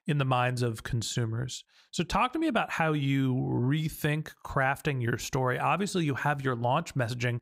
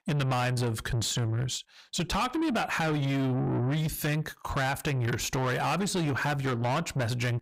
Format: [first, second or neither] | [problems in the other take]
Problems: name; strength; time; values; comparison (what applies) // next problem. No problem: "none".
first | distortion; heavy; 7 dB below the speech